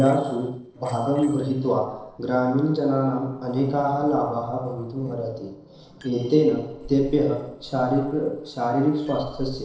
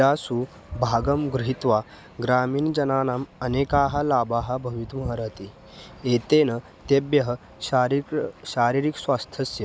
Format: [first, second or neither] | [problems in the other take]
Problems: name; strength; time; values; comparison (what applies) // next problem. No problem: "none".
second | noise reduction (neural separator model SepFormer DNS4)